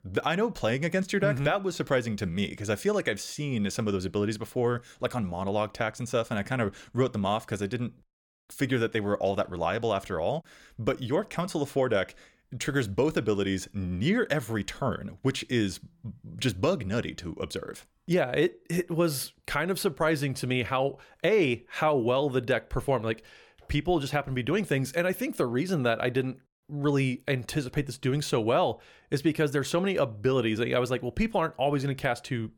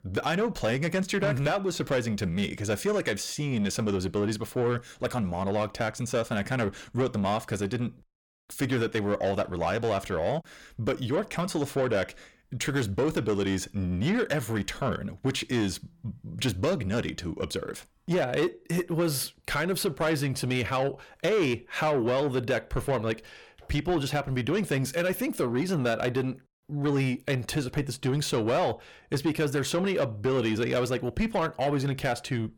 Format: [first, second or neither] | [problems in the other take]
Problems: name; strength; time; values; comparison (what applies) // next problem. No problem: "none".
first | distortion; slight; 10 dB below the speech